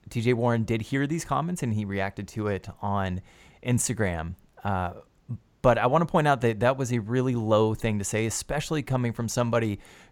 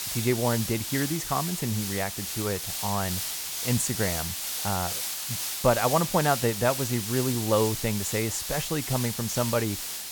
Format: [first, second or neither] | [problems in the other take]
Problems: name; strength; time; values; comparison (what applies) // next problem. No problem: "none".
first | hiss; loud; throughout; 2 dB below the speech